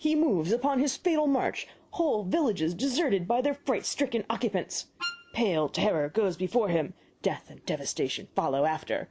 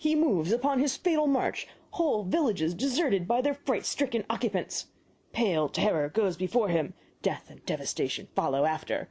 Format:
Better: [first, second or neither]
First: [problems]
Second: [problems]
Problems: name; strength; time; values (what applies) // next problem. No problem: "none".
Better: second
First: background sound (Wind instrument, woodwind instrument); 10 dB below the speech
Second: none